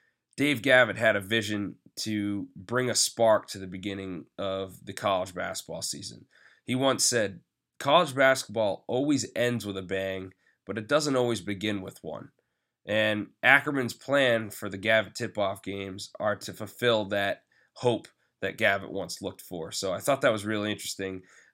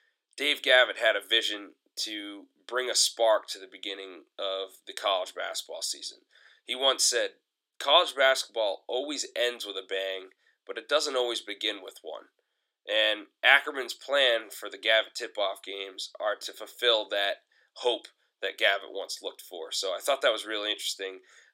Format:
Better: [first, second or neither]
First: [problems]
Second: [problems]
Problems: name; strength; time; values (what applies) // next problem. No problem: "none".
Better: first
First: none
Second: thin; very; fading below 350 Hz